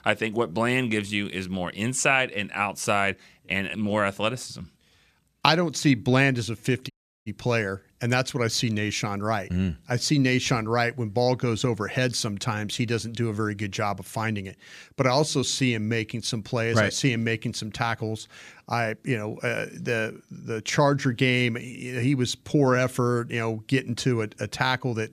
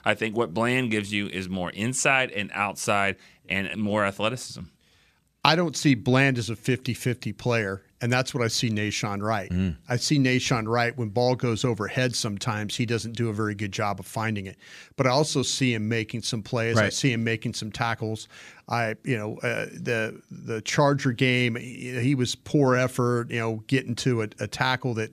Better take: second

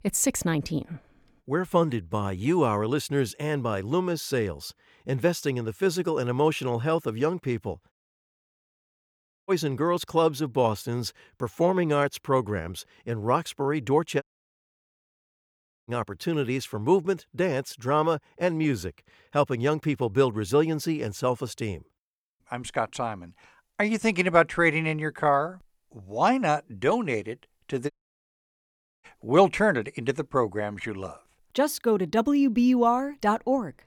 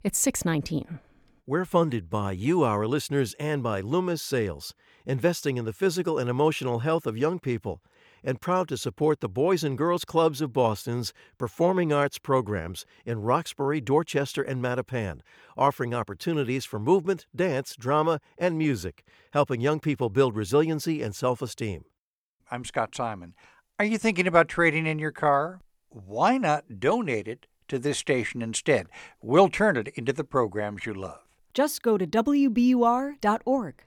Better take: second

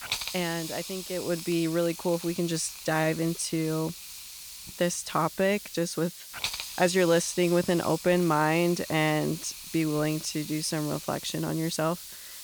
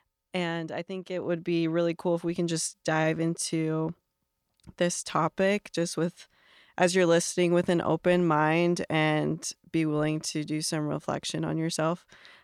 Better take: second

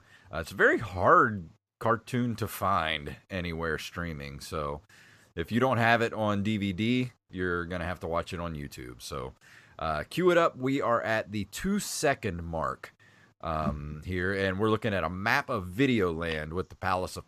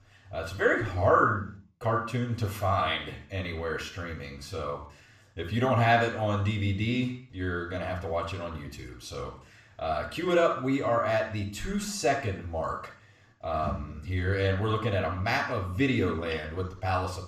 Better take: first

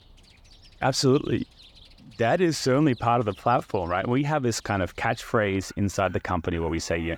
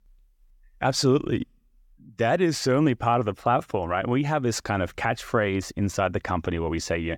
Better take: second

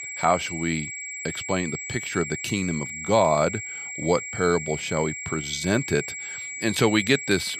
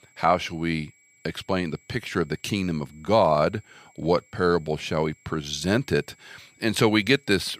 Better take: second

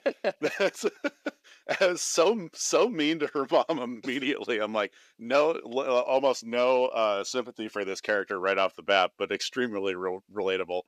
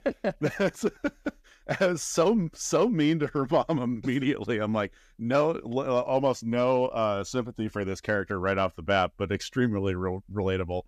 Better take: second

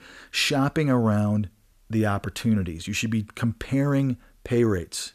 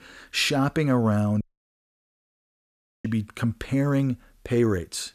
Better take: first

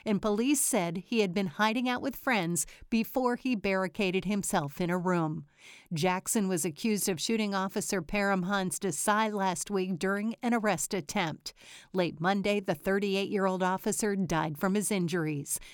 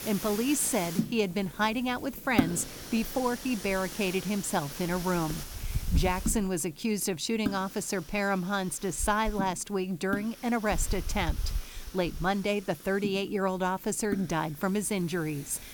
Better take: first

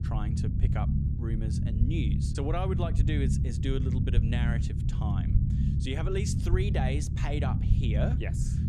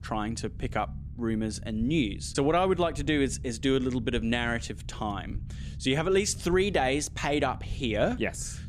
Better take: second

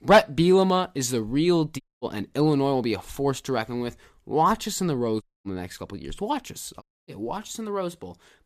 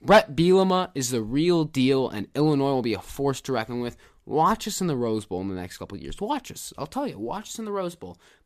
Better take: second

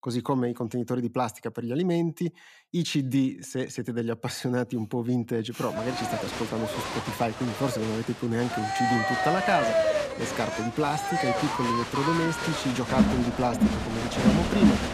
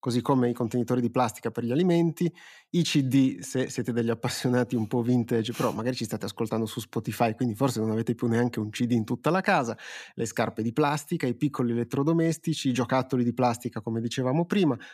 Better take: second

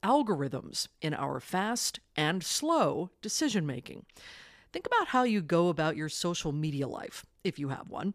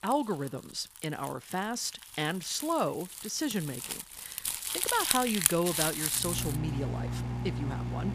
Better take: first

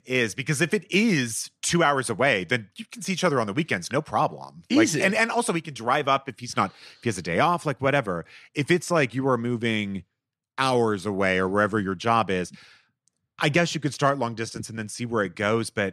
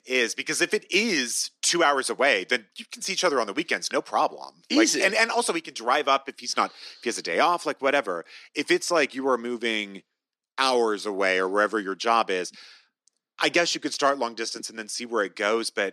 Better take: first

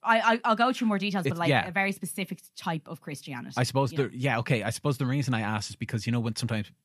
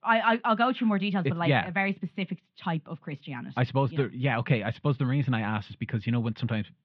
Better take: first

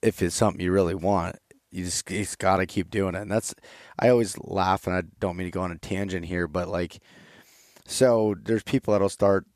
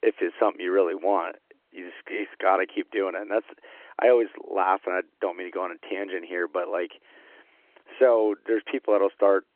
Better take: first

